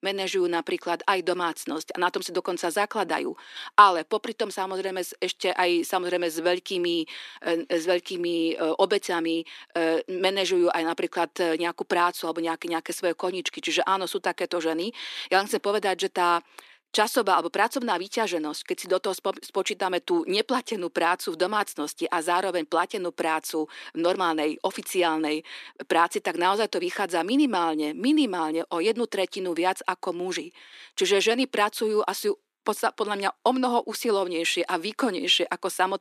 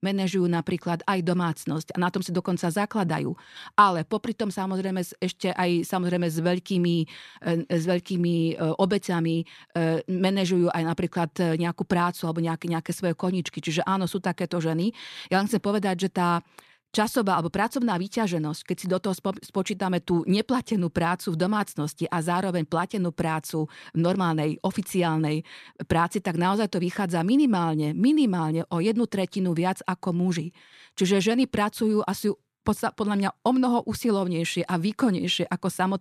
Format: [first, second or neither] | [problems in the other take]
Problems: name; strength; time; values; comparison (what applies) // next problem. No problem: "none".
second | thin; somewhat; fading below 300 Hz